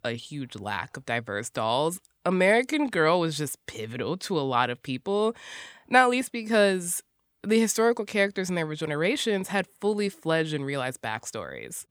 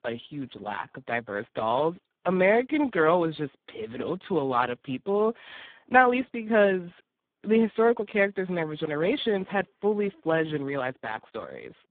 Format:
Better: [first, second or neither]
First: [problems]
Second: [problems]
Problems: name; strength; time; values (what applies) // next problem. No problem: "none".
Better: first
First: none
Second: phone-call audio; poor line; nothing above 3.5 kHz